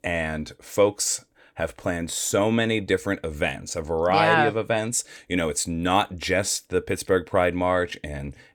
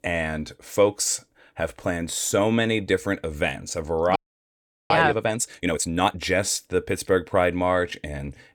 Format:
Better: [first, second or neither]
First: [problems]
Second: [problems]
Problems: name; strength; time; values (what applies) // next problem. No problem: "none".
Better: first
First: none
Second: audio freezing; at 4 s for 0.5 s